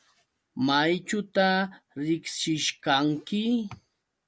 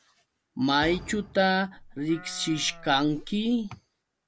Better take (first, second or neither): first